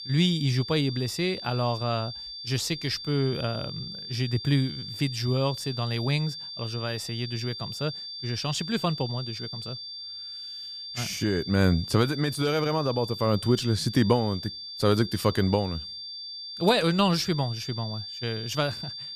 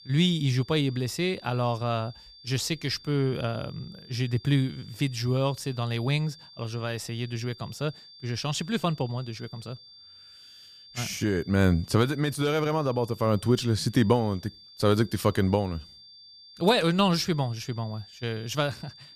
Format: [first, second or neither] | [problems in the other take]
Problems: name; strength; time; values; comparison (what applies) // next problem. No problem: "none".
second | high-pitched whine; loud; throughout; 4.5 kHz, 8 dB below the speech; faint in the second